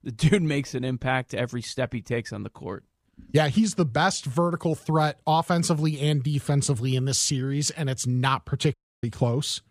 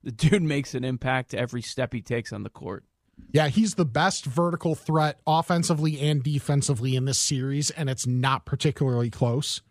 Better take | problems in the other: second | audio cutting out; at 8.5 s

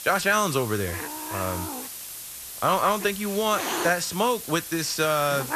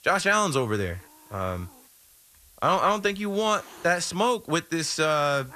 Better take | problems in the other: second | hiss; loud; throughout; 8 dB below the speech; faint in the second

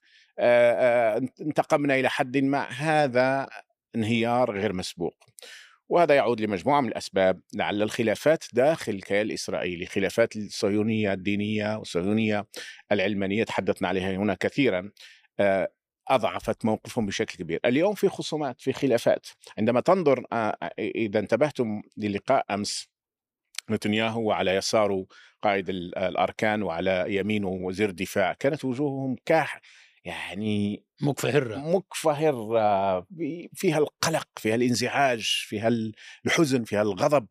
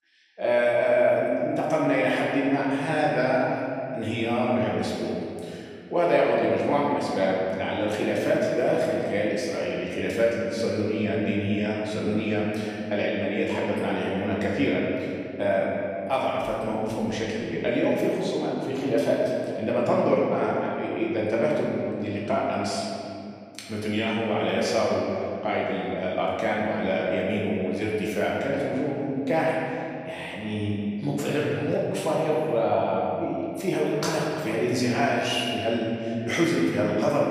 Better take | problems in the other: first | room echo; strong; dies away in 2.4 s // off-mic speech; far

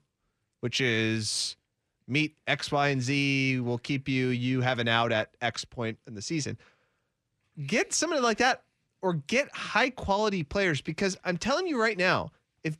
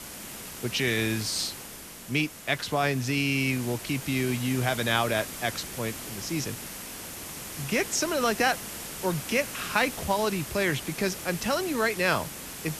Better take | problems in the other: first | hiss; loud; throughout; 9 dB below the speech

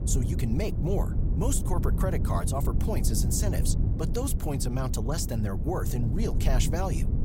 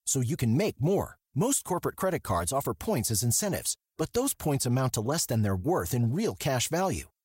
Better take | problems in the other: second | low rumble; loud; throughout; 7 dB below the speech

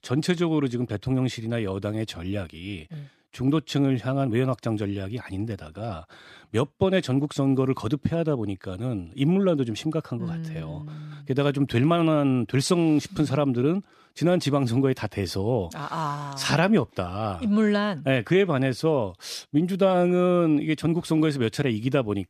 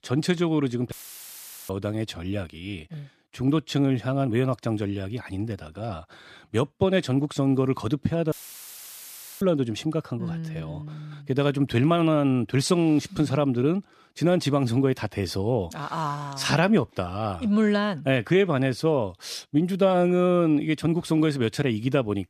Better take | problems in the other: first | audio cutting out; filled with static; at 1 s for 1 s and at 8.5 s for 1 s

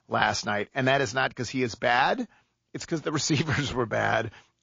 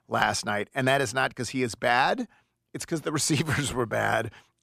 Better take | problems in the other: second | garbled, watery; slightly; nothing above 6.5 kHz

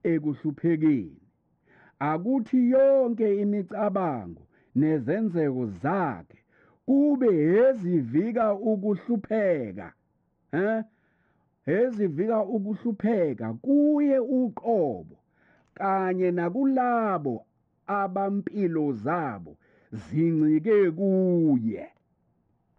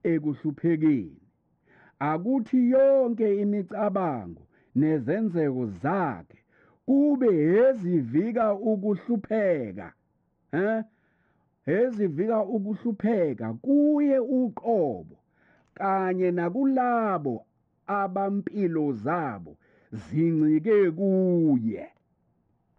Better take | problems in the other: neither | muffled; very; fading above 1.5 kHz; the same in both

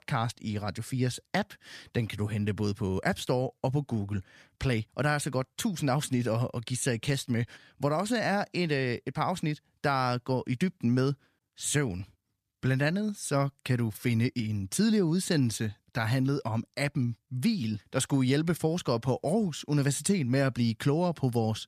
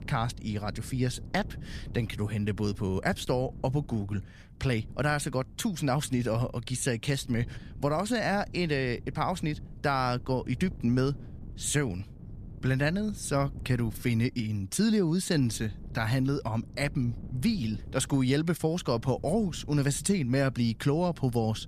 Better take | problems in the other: first | wind noise on the microphone; occasional gusts; 25 dB below the speech

